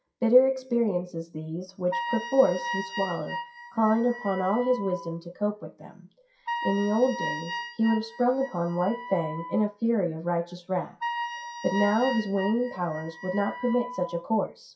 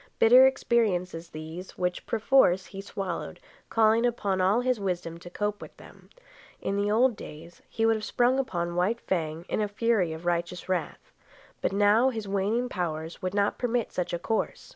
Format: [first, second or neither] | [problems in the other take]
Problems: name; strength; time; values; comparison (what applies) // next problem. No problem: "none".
second | noise reduction (classical method WPE with log-MMSE)